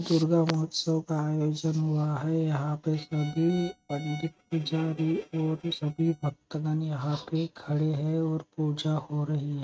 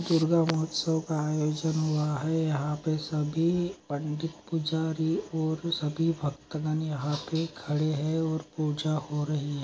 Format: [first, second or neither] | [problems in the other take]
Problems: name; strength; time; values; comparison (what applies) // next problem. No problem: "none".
second | noise reduction (neural mask model RNNoise)